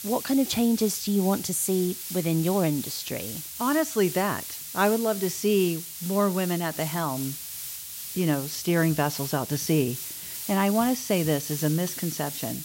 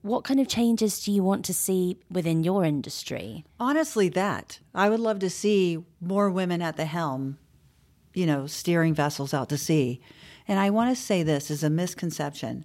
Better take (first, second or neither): second